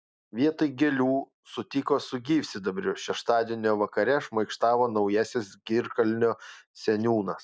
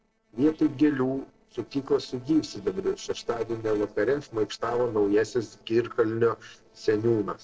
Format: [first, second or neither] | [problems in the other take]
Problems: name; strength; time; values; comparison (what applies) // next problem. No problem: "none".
first | noise reduction (neural separator model SepFormer DNS4)